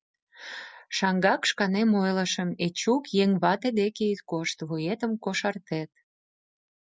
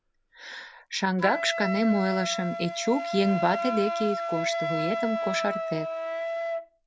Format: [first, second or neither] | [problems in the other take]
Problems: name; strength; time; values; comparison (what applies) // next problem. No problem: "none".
first | background sound (Wind instrument, woodwind instrument); 3 dB below the speech